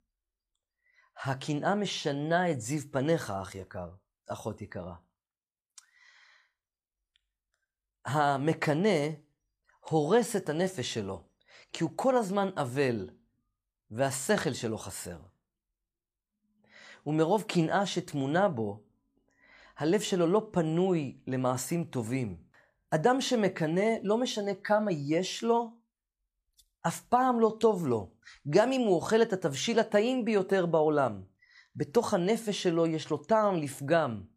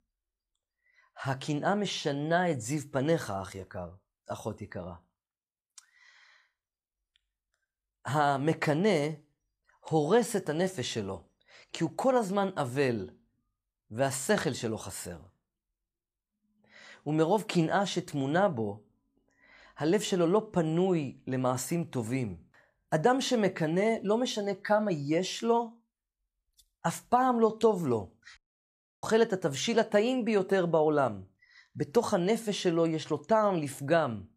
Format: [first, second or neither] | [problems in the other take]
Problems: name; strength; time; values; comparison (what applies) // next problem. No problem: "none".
first | audio cutting out; at 28 s for 0.5 s